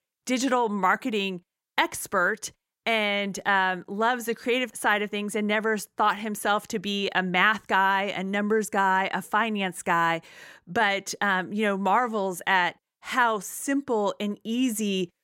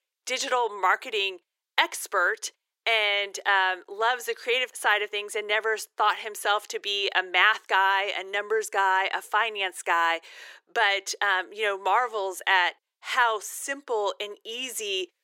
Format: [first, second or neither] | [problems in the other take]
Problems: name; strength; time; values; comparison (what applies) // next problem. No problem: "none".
first | thin; very; fading below 400 Hz